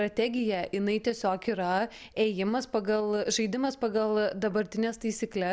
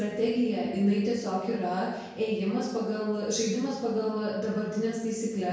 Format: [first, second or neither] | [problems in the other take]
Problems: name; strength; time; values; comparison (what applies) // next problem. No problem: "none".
first | room echo; dies away in 1 s